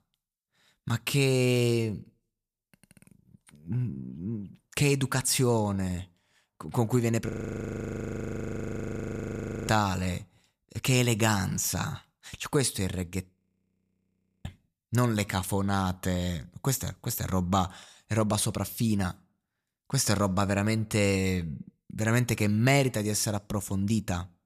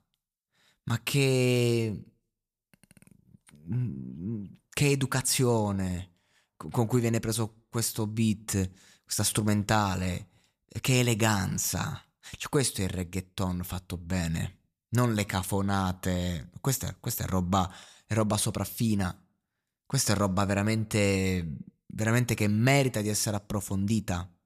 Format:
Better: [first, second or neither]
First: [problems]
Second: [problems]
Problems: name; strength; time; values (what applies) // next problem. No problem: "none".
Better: second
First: audio freezing; at 7.5 s for 2.5 s and at 13 s for 1 s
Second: none